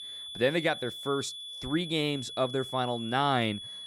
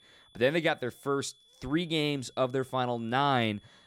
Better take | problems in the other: second | high-pitched whine; loud; throughout; 3.5 kHz, 9 dB below the speech; faint in the second

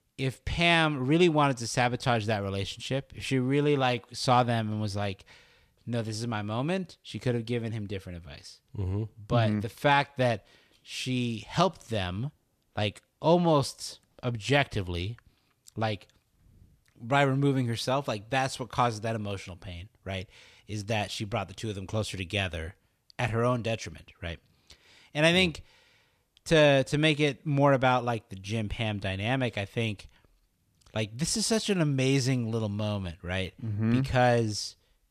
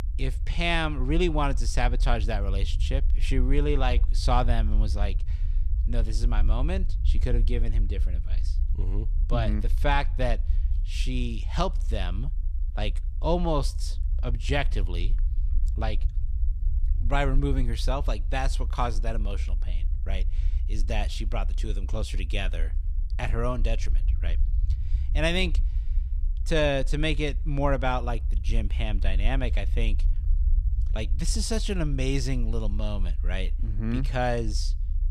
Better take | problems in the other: first | low rumble; faint; throughout; 20 dB below the speech

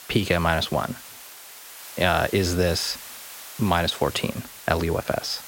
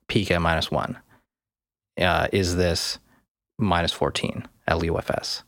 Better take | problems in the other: second | hiss; noticeable; throughout; 15 dB below the speech

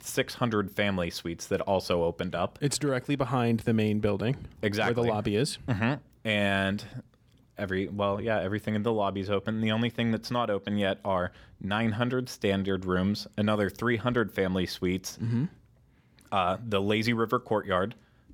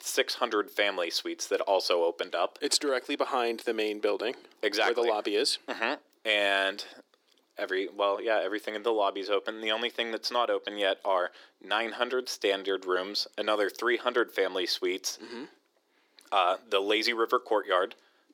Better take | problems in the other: first | thin; very; fading below 350 Hz

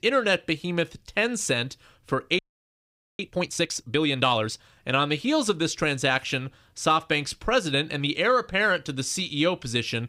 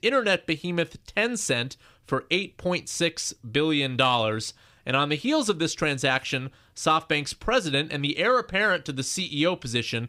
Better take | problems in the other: second | audio freezing; at 2.5 s for 1 s

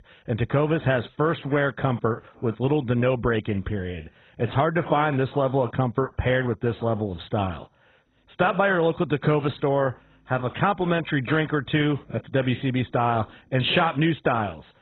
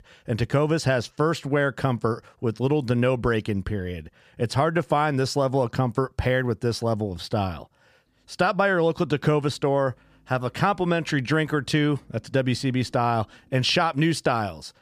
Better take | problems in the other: second | garbled, watery; badly; nothing above 4 kHz

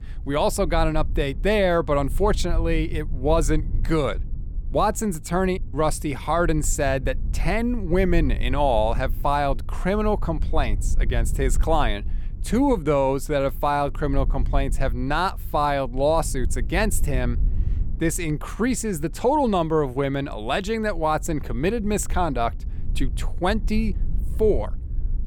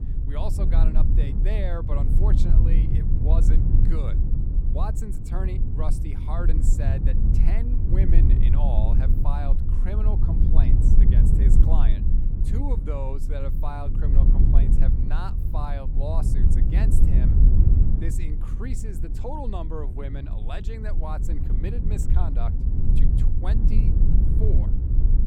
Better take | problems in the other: first | low rumble; loud; throughout; 1 dB below the speech; faint in the first

